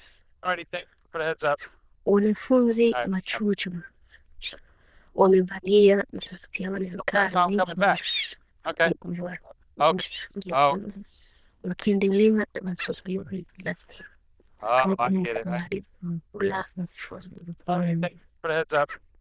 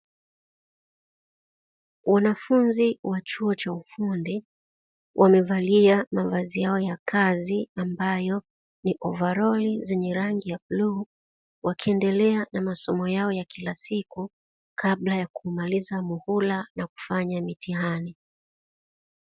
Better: second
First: noise reduction (neural diffusion model UNIVERSE++)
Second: none

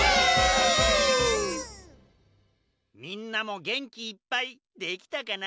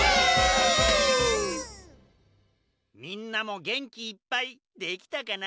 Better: first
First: none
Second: background sound (Snare drum); 15 dB below the speech

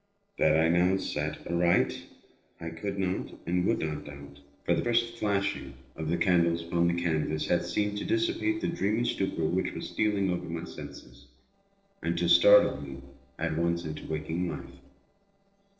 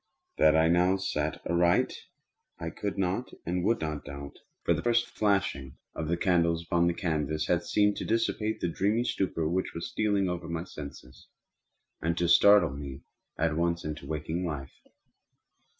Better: second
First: noise reduction (neural separator model SepFormer DNS4)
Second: none

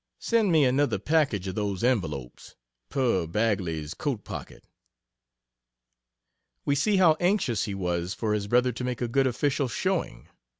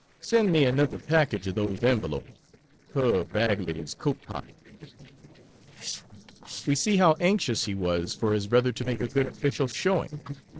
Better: first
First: none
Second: noise reduction (neural separator model SepFormer DNS4)

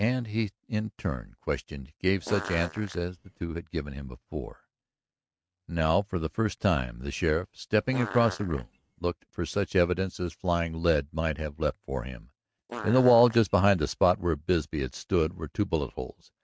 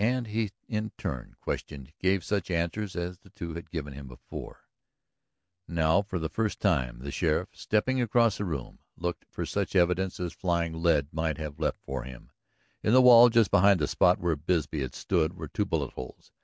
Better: second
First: noise reduction (neural mask model RNNoise)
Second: none

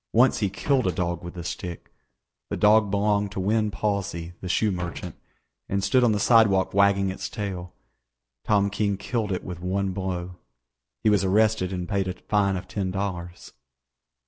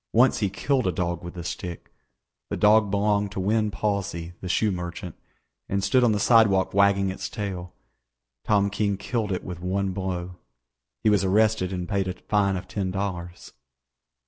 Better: second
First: background sound (Slam); 13 dB below the speech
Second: none

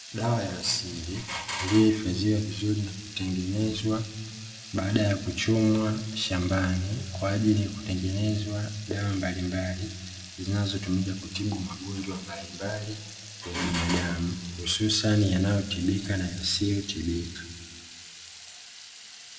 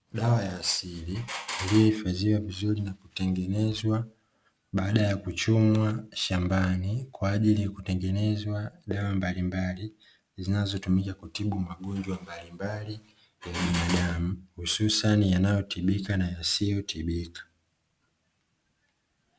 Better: second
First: background sound (Water tap, faucet / Liquid); 16 dB below the speech // room echo; dies away in 1.6 s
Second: none

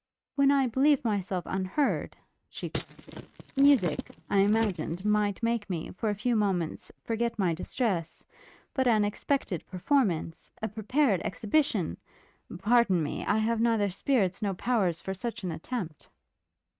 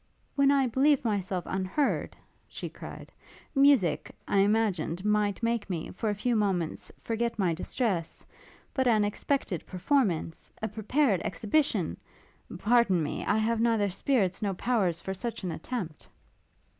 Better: second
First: noise reduction (neural mask model RNNoise)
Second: none

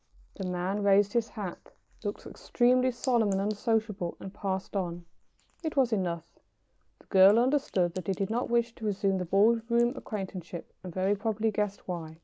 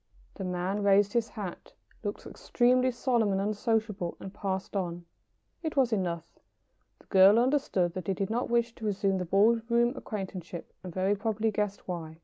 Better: second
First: noise reduction (neural mask model Resemble Enhance denoiser)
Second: none

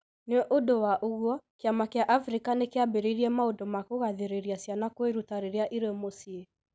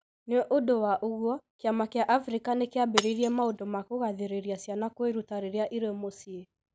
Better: first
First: none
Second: background sound (Shatter); 10 dB below the speech

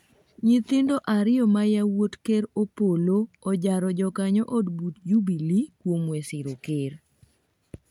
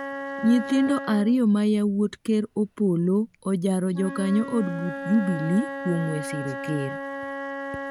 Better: first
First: none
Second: background sound (Wind instrument, woodwind instrument); 10 dB below the speech

